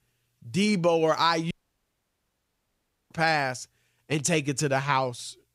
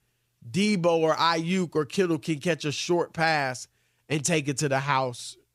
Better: second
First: audio cutting out; at 1.5 s for 1.5 s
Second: none

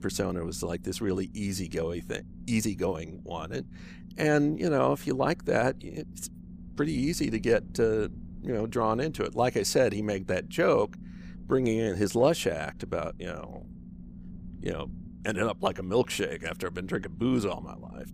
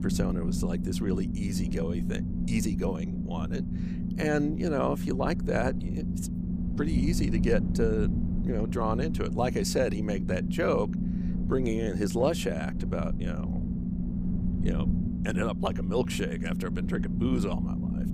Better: first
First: low rumble; faint; throughout; 25 dB below the speech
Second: low rumble; loud; throughout; 7 dB below the speech

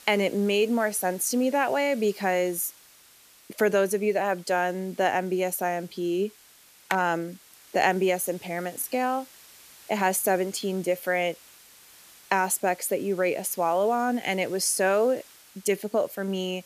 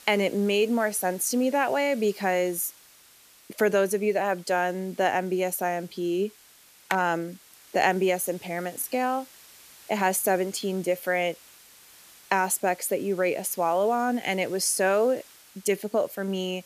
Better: neither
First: hiss; faint; throughout; 25 dB below the speech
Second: hiss; faint; throughout; 25 dB below the speech

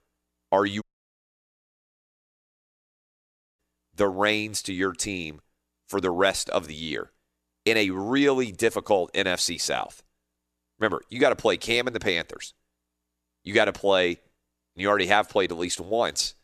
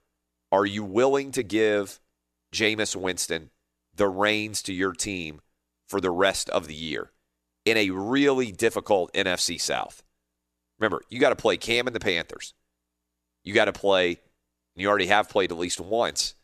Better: second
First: audio cutting out; at 1 s for 3 s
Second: none

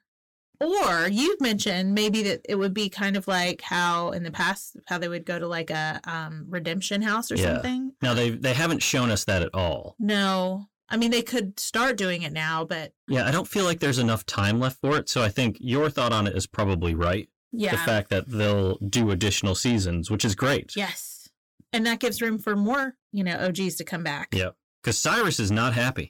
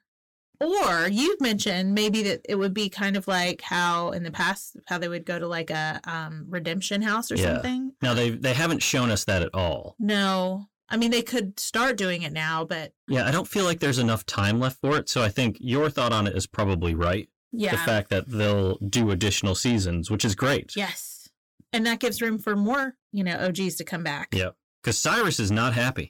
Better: neither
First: distortion; slight; 10 dB below the speech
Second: distortion; slight; 10 dB below the speech

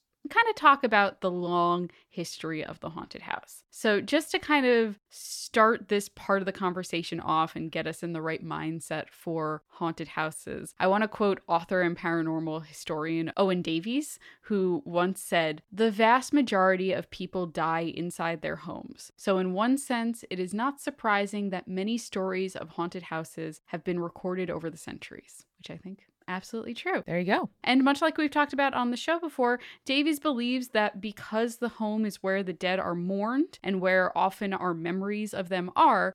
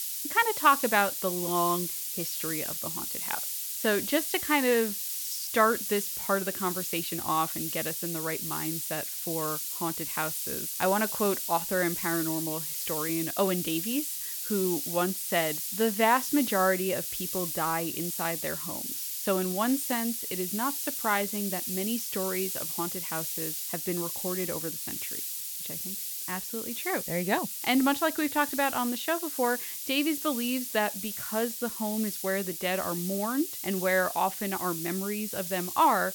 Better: first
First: none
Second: hiss; loud; throughout; 2 dB below the speech

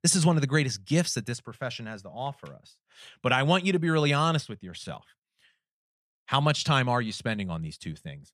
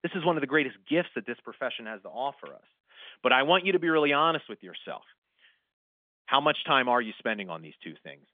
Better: first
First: none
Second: phone-call audio; nothing above 3.5 kHz

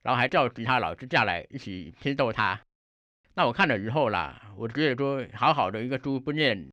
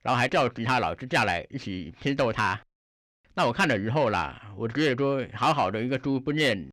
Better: first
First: none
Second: distortion; slight; 10 dB below the speech

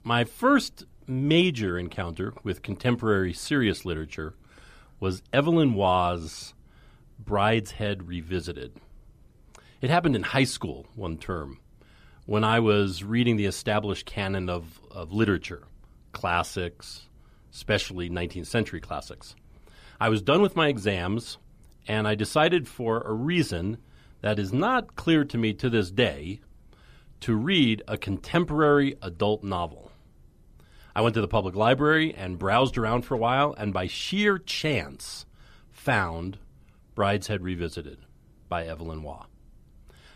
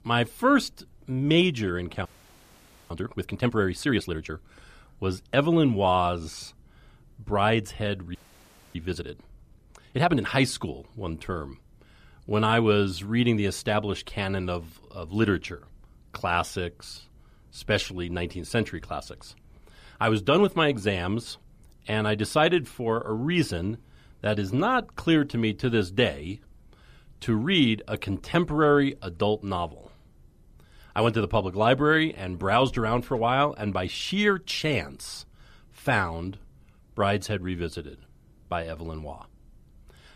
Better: first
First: none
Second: audio freezing; at 2 s for 1 s and at 8 s for 0.5 s

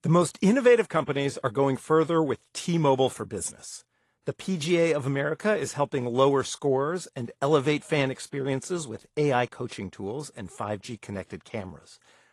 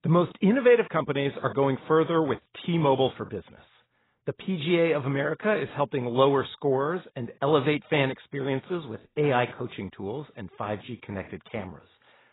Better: first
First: garbled, watery; slightly; nothing above 11 kHz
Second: garbled, watery; badly; nothing above 4 kHz

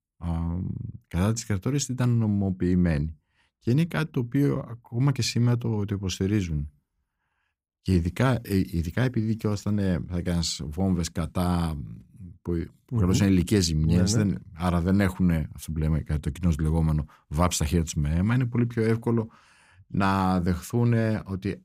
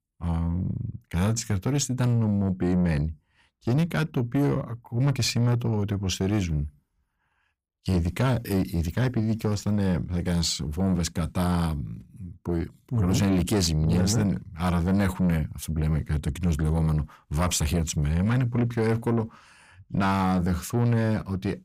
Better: first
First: none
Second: distortion; slight; 10 dB below the speech

